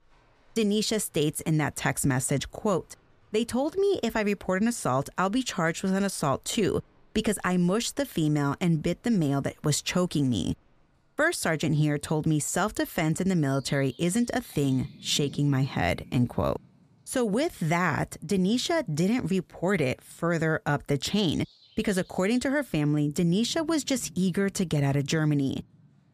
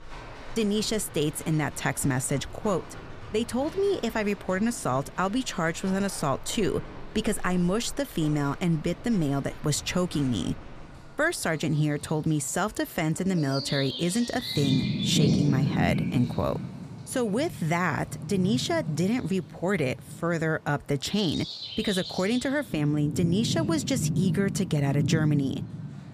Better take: first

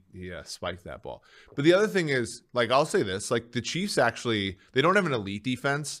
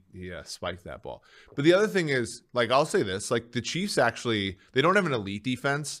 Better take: neither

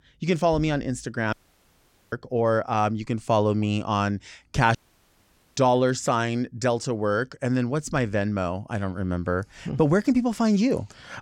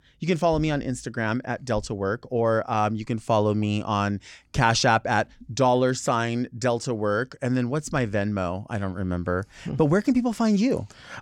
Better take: second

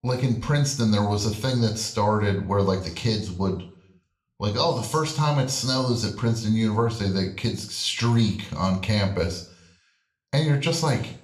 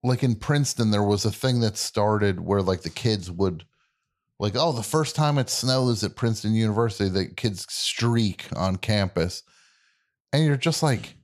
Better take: second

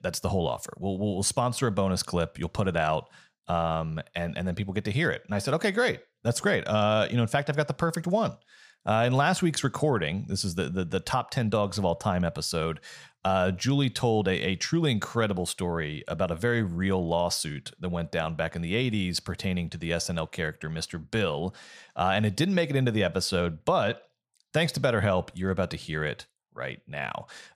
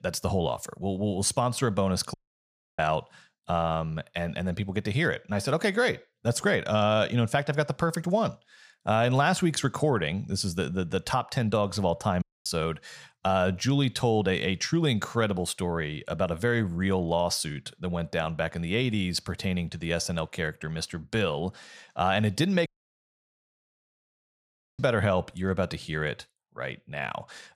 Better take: first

